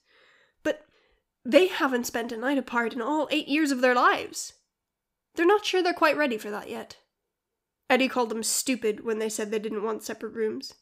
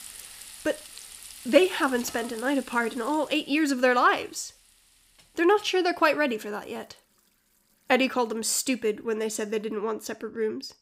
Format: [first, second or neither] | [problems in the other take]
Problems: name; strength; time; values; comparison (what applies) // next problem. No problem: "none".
first | household noises; noticeable; throughout; 20 dB below the speech